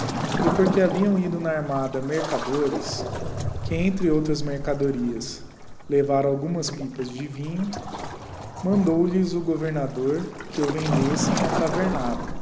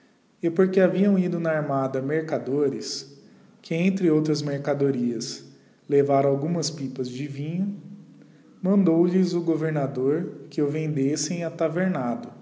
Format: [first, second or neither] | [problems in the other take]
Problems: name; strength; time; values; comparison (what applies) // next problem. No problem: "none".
second | background sound (Waves, surf); 5 dB below the speech